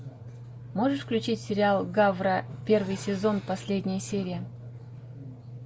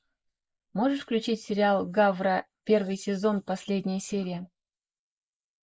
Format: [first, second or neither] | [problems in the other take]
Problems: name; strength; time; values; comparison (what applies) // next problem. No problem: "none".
first | noise reduction (neural mask model Resemble Enhance denoiser)